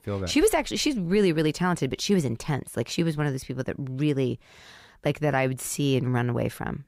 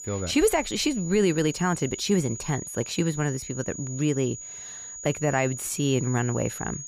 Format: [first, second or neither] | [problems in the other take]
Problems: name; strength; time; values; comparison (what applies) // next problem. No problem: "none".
first | high-pitched whine; loud; throughout; 7 kHz, 10 dB below the speech